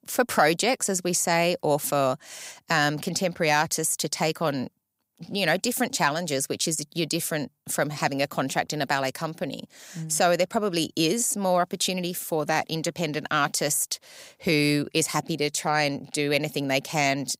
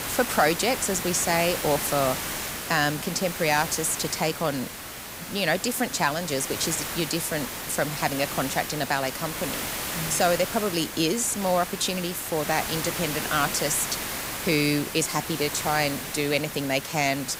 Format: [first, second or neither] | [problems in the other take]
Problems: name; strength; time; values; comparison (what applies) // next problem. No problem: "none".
first | hiss; loud; throughout; 5 dB below the speech